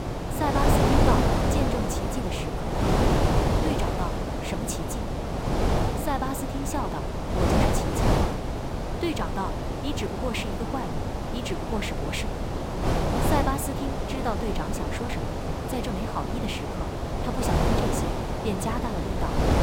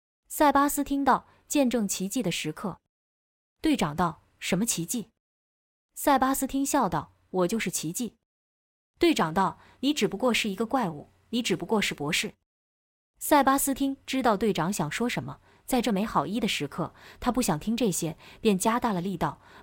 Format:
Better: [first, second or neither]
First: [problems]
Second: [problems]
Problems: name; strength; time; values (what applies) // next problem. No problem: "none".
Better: second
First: wind noise on the microphone; heavy; 3 dB above the speech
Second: none